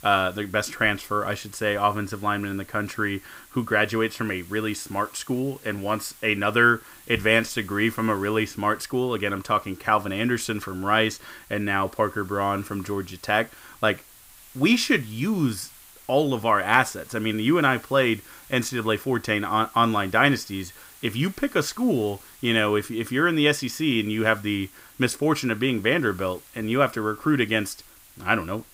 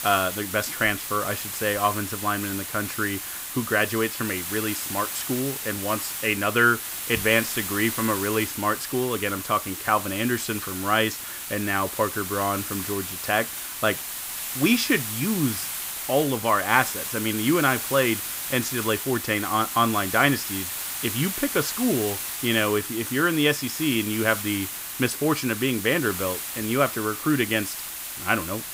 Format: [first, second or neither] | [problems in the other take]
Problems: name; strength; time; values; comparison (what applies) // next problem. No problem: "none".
first | hiss; loud; throughout; 5 dB below the speech; faint in the first